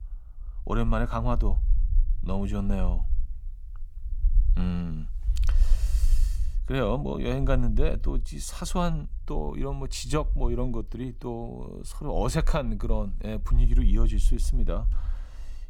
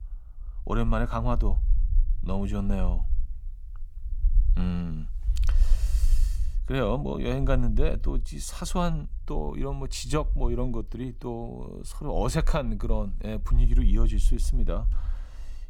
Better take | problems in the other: neither | low rumble; faint; throughout; 20 dB below the speech; the same in both

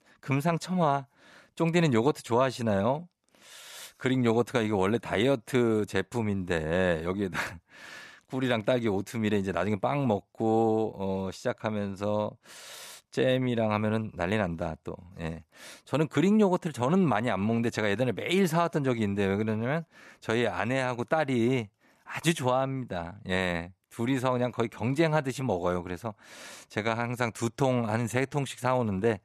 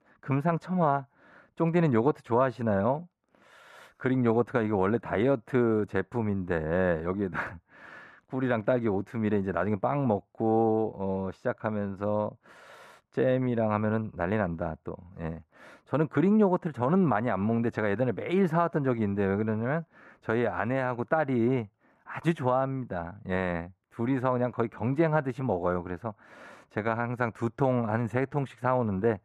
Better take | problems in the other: first | muffled; very; fading above 2.5 kHz

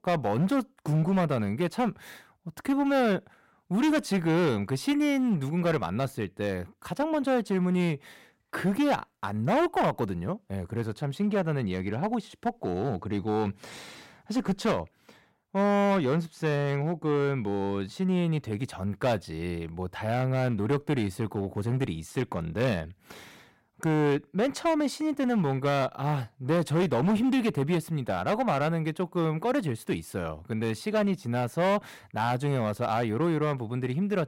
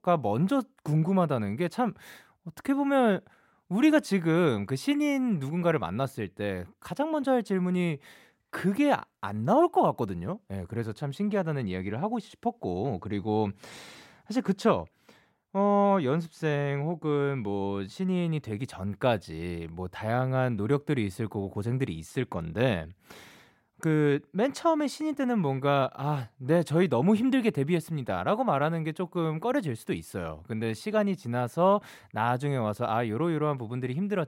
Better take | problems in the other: second | distortion; slight; 8% of the sound clipped

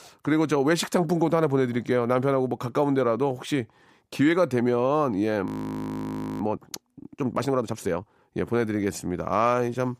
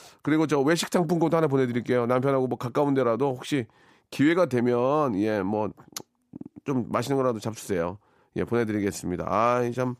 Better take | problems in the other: second | audio freezing; at 5.5 s for 1 s

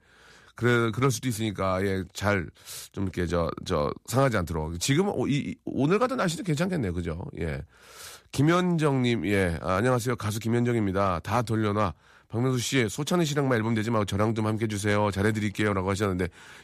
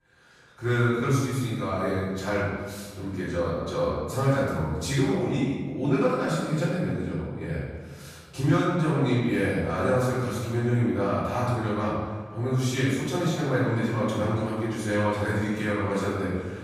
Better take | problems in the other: first | room echo; strong; dies away in 1.4 s // off-mic speech; far

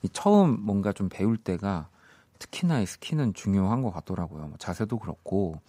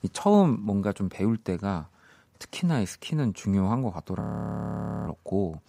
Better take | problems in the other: first | audio freezing; at 4 s for 1 s

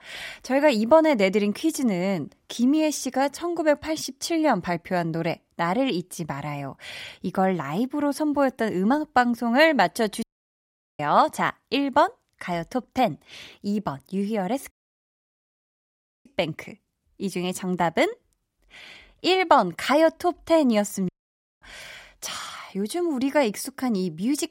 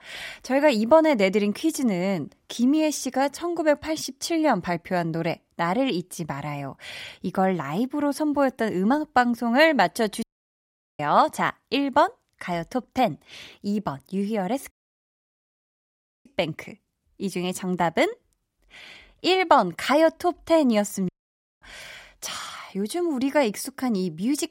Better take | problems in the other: neither | audio cutting out; at 10 s for 1 s, at 15 s for 1.5 s and at 21 s for 0.5 s; the same in both

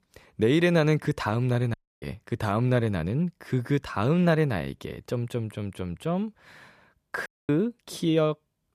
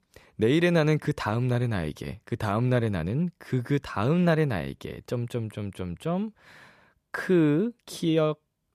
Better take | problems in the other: second | audio cutting out; at 1.5 s and at 7.5 s

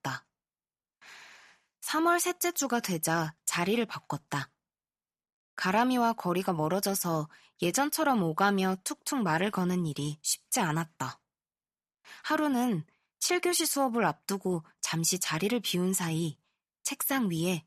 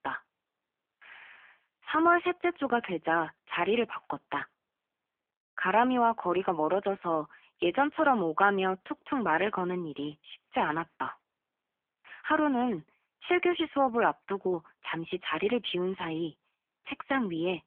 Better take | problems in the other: first | phone-call audio; nothing above 3.5 kHz

